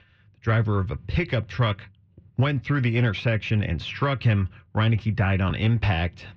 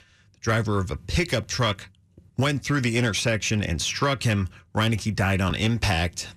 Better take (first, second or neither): second